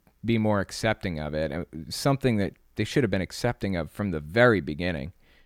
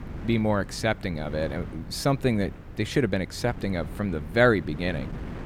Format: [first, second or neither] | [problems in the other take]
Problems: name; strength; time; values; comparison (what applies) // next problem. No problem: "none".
first | wind noise on the microphone; occasional gusts; 20 dB below the speech